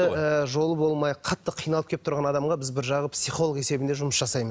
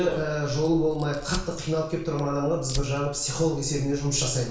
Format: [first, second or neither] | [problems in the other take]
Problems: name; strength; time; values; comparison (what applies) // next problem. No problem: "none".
first | background sound (Fire); 11 dB below the speech // room echo; dies away in 0.6 s